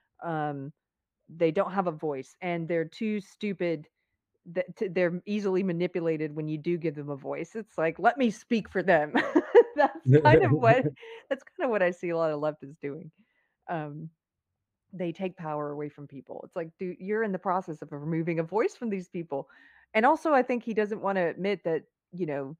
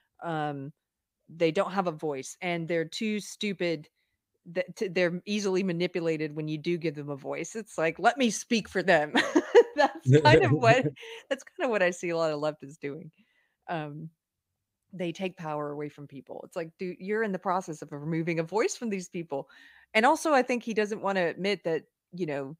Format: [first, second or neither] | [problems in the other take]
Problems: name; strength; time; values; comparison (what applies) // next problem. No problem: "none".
second | muffled; slightly; fading above 3 kHz